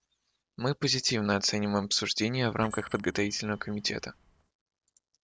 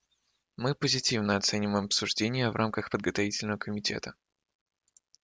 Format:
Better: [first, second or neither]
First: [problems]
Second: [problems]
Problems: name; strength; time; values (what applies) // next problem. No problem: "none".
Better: second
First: noise reduction (neural separator model SepFormer DNS4)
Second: none